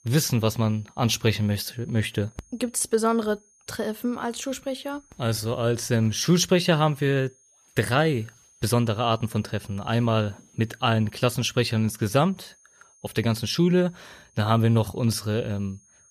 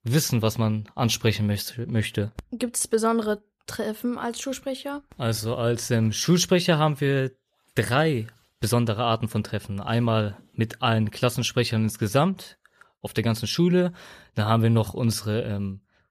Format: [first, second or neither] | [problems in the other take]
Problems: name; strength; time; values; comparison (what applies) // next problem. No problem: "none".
second | high-pitched whine; faint; throughout; 6.5 kHz, 30 dB below the speech